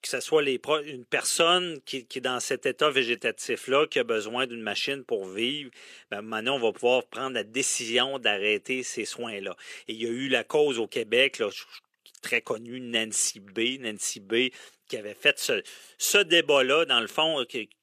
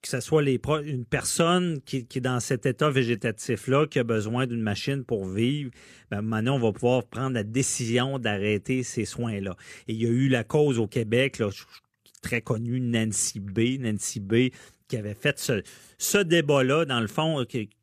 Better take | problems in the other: second | thin; somewhat; fading below 450 Hz

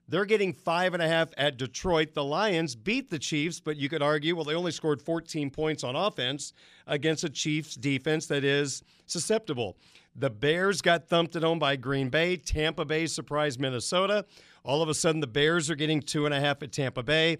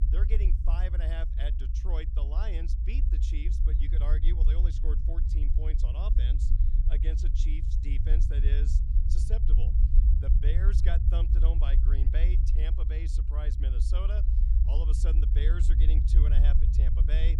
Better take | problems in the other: first | low rumble; loud; throughout; 3 dB below the speech

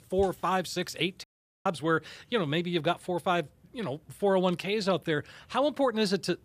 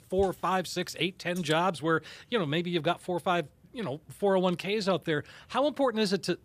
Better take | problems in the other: second | audio cutting out; at 1 s

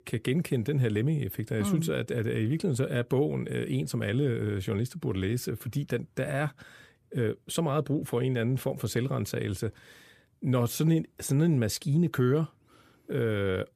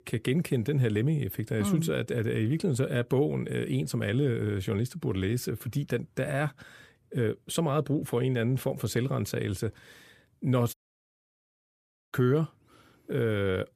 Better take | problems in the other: first | audio cutting out; at 11 s for 1.5 s

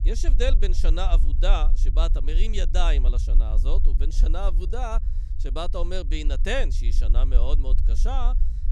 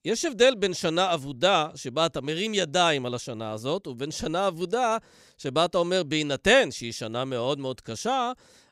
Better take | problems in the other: second | low rumble; noticeable; throughout; 15 dB below the speech

